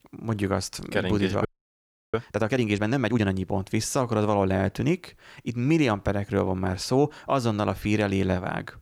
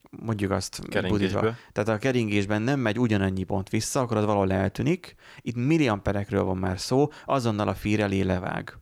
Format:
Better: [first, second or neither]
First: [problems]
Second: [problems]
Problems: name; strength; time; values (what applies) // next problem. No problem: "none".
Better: second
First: audio freezing; at 1.5 s for 0.5 s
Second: none